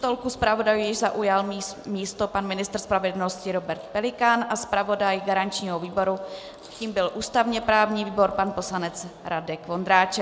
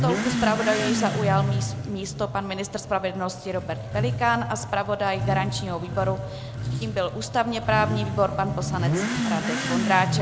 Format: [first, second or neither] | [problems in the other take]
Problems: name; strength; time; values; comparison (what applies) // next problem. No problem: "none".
first | background sound (Motorcycle / Accelerating, revving, vroom); 1 dB below the speech